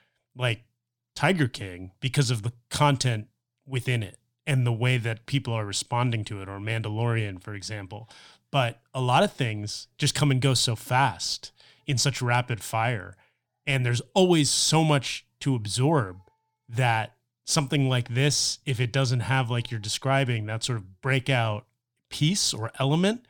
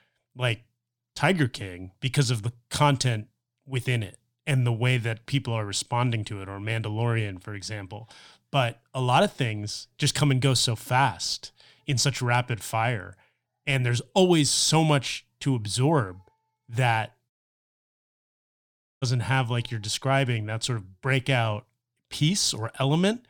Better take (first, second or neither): first